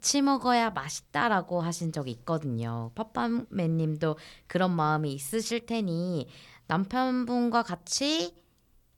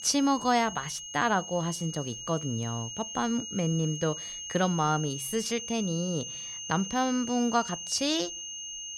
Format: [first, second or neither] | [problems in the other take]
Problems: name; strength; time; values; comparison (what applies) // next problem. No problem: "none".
first | high-pitched whine; loud; throughout; 6.5 kHz, 7 dB below the speech